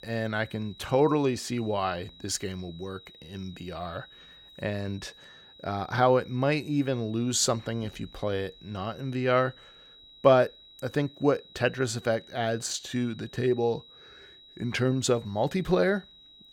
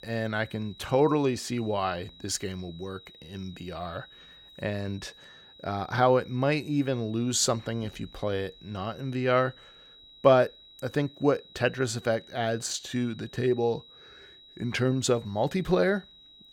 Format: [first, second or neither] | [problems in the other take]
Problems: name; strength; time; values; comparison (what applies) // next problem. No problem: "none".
neither | high-pitched whine; faint; throughout; 4 kHz, 20 dB below the speech; the same in both